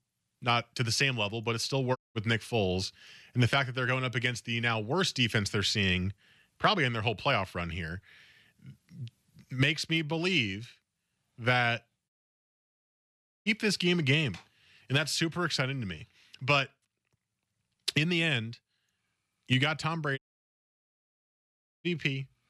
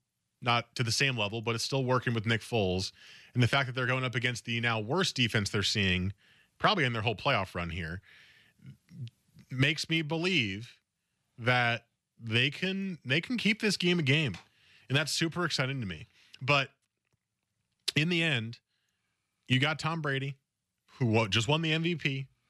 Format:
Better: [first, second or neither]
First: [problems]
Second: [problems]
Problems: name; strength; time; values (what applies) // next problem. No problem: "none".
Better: second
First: audio cutting out; at 2 s, at 12 s for 1.5 s and at 20 s for 1.5 s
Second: none